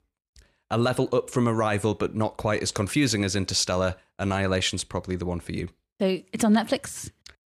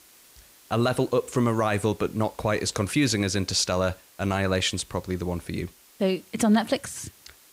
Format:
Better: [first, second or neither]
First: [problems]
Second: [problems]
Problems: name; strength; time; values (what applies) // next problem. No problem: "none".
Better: first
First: none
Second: hiss; faint; throughout; 25 dB below the speech